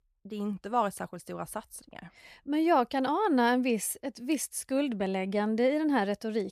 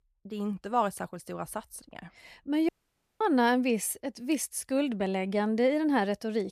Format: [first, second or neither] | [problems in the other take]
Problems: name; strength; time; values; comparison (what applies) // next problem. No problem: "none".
first | audio cutting out; at 2.5 s for 0.5 s